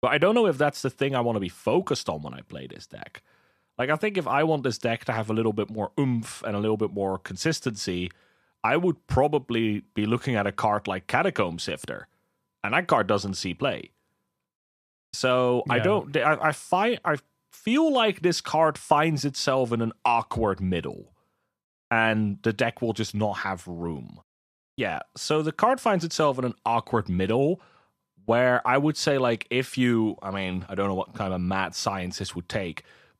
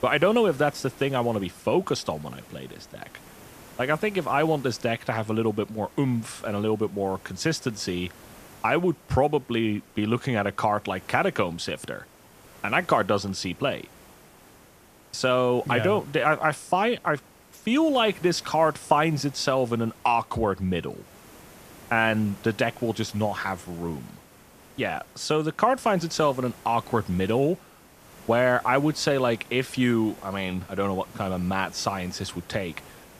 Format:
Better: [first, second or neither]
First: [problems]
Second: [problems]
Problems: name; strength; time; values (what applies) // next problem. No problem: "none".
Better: first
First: none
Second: hiss; faint; throughout; 25 dB below the speech